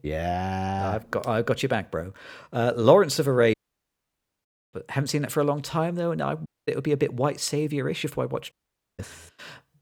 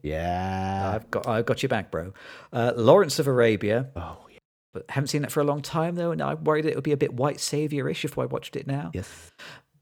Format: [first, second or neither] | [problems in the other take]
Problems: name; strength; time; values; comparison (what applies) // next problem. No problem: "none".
second | audio cutting out; at 3.5 s for 1 s, at 6.5 s and at 8.5 s